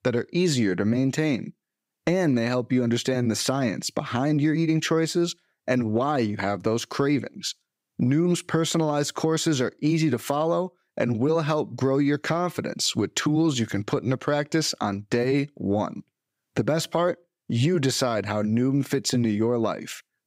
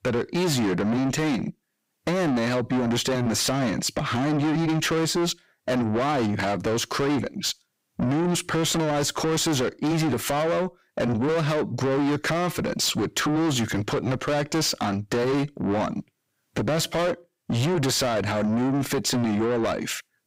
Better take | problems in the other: first | distortion; heavy; 6 dB below the speech

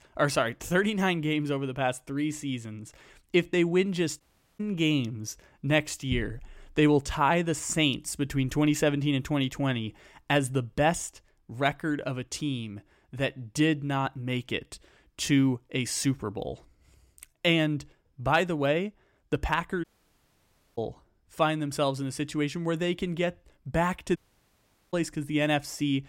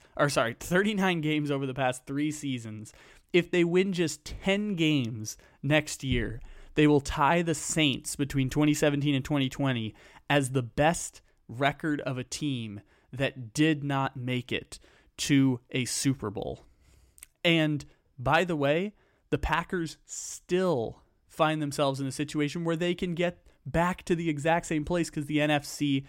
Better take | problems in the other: second | audio cutting out; at 4 s, at 20 s for 1 s and at 24 s for 1 s

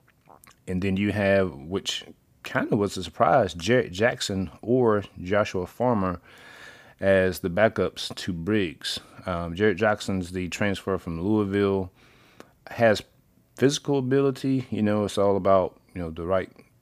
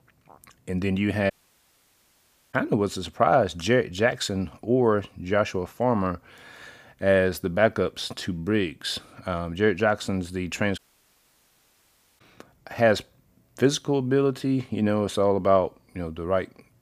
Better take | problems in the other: first | audio cutting out; at 1.5 s for 1 s and at 11 s for 1.5 s

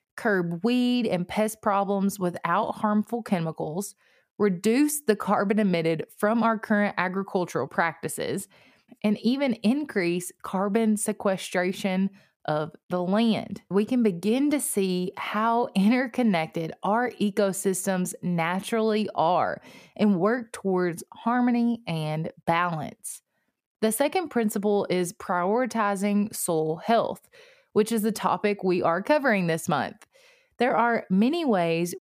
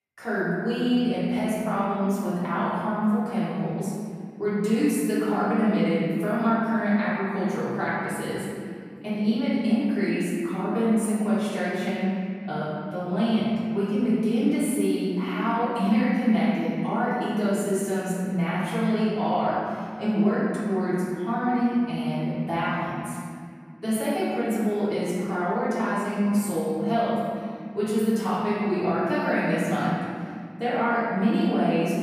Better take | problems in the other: first | room echo; strong; dies away in 2.4 s // off-mic speech; far

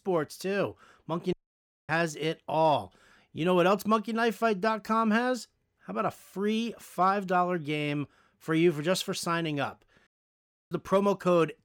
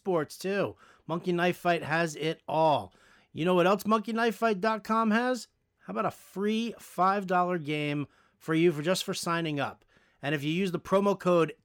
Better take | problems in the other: second | audio cutting out; at 1.5 s for 0.5 s and at 10 s for 0.5 s

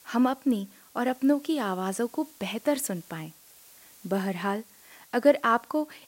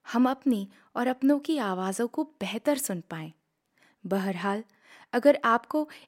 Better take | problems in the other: second | hiss; faint; throughout; 25 dB below the speech

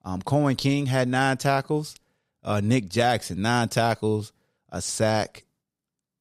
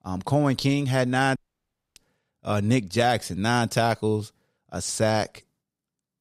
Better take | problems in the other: first | audio cutting out; at 1.5 s for 0.5 s

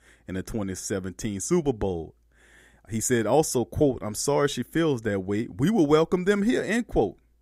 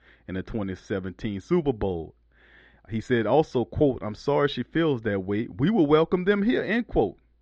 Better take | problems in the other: first | muffled; very; fading above 4 kHz

